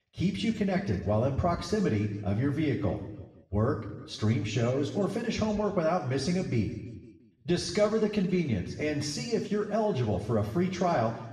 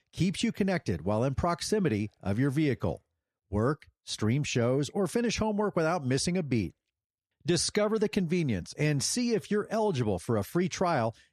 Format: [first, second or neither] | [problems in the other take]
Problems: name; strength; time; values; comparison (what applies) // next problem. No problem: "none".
second | room echo; noticeable; dies away in 1.2 s // off-mic speech; far